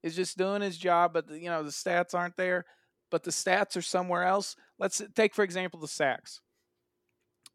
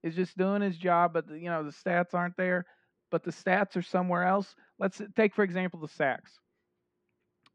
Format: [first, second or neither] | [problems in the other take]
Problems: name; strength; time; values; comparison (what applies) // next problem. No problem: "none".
first | muffled; very; fading above 2 kHz